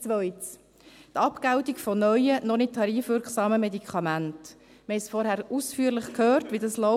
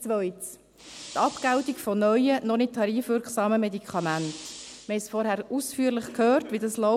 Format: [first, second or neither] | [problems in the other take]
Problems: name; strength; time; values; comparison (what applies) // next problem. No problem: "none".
first | background sound (Fire); 17 dB below the speech